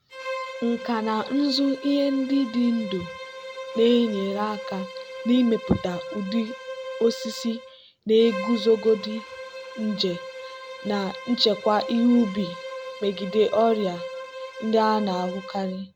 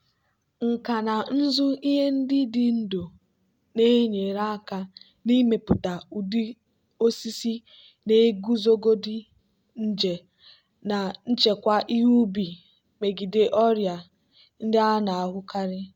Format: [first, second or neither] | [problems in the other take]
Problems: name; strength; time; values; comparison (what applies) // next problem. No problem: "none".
second | background sound (Bowed string instrument); 11 dB below the speech